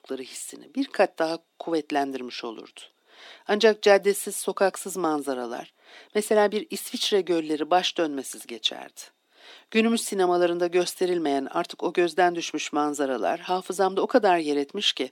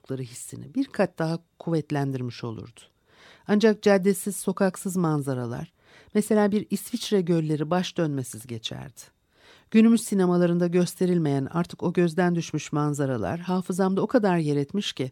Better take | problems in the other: second | thin; somewhat; fading below 250 Hz

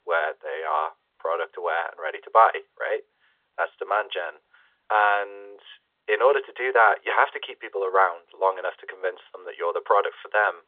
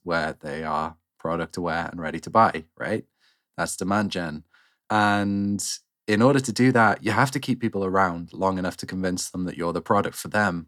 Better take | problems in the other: second | phone-call audio; nothing above 3.5 kHz

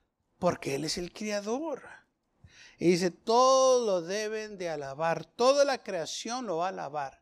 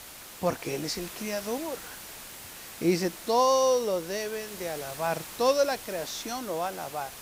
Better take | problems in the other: first | hiss; noticeable; throughout; 10 dB below the speech

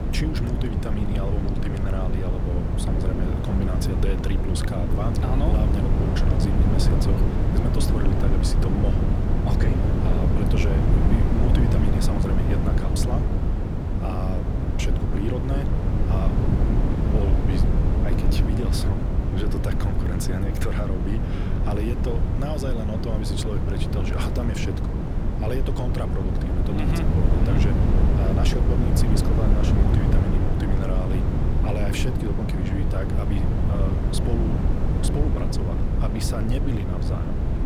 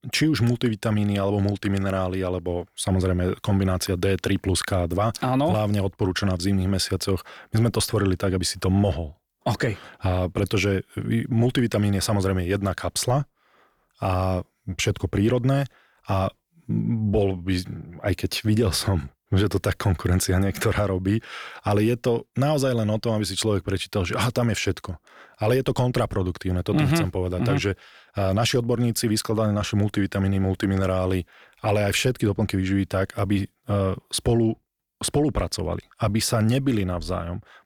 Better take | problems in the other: second | wind noise on the microphone; heavy; 2 dB above the speech

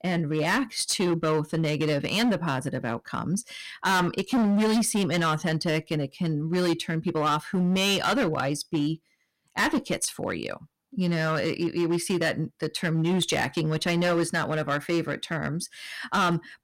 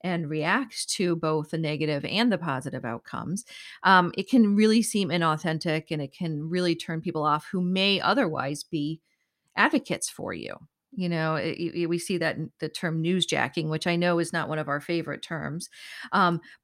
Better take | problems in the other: second | distortion; heavy; 12% of the sound clipped

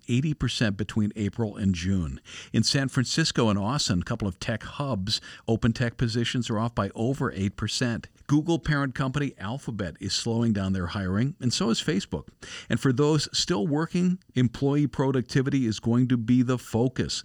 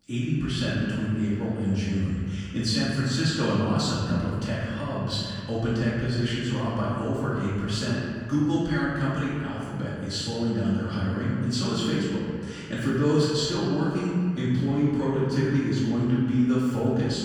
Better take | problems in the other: first | off-mic speech; far // room echo; strong; dies away in 2.1 s

